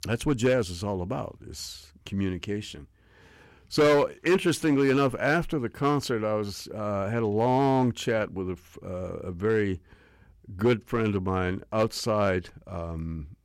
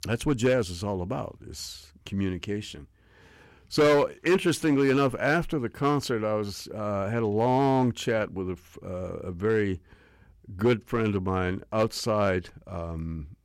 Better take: neither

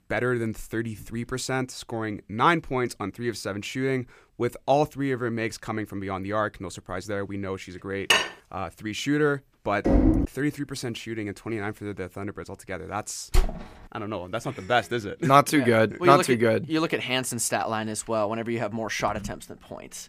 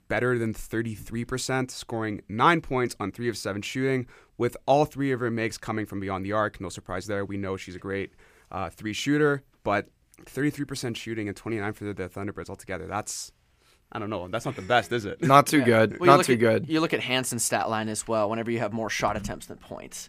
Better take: second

